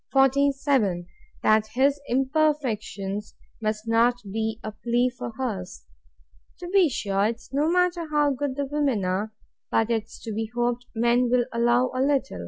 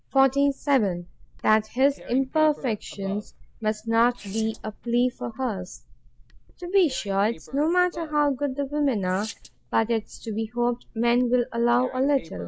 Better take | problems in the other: first | noise reduction (neural mask model Resemble Enhance denoiser)

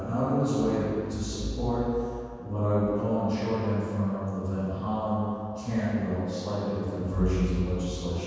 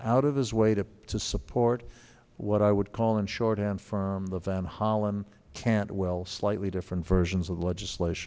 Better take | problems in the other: second | room echo; dies away in 2.1 s

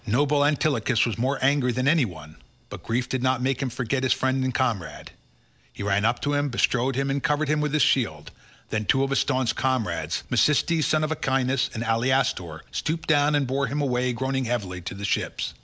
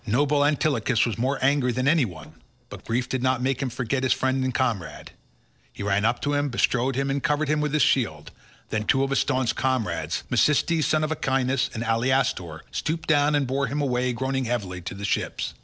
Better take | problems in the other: first | noise reduction (neural separator model SepFormer DNS4)

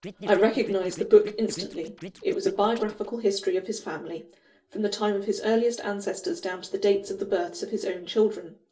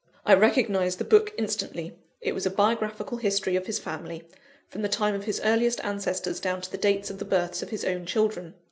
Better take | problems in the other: second | noise reduction (neural separator model SepFormer DNS4)

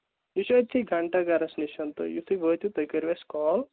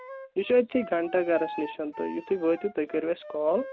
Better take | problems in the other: first | background sound (Wind instrument, woodwind instrument); 15 dB below the speech

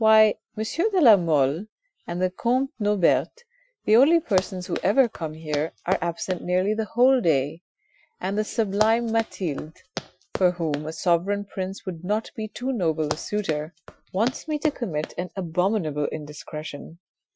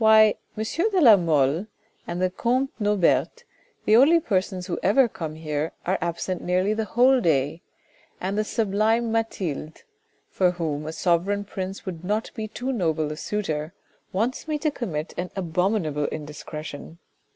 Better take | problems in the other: second | noise reduction (classical method Wiener filter)

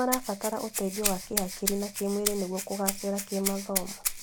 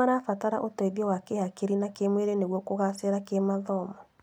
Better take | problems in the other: second | background sound (Rattle (instrument)); 2 dB below the speech

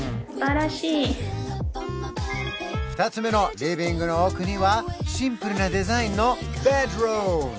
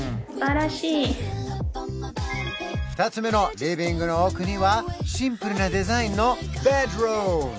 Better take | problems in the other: second | background sound (Wind instrument, woodwind instrument); 18 dB below the speech

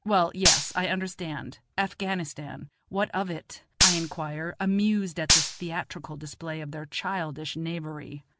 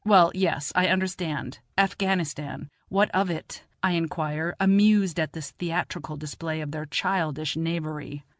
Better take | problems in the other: second | background sound (Gunshot, gunfire); 3 dB above the speech

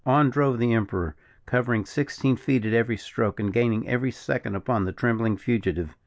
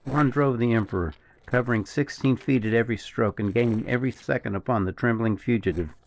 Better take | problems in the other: first | noise reduction (neural separator model SepFormer DNS4)

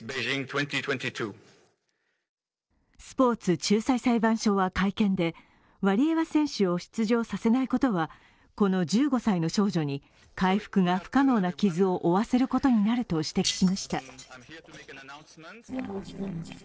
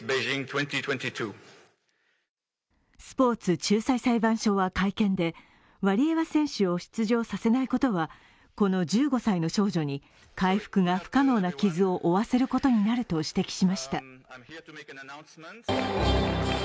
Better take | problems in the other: second | noise reduction (neural separator model SepFormer DNS4)

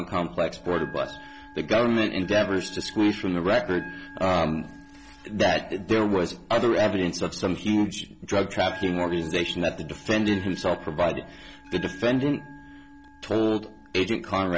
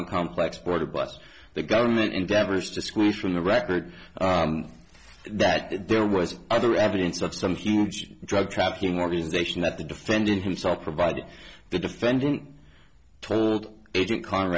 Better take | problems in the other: second | background sound (Bell); 20 dB below the speech

